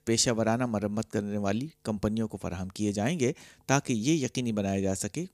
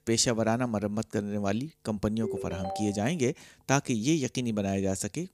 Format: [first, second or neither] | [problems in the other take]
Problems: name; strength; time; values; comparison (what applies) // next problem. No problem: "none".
first | phone ringing; noticeable; at 2 s; peak 7 dB below the speech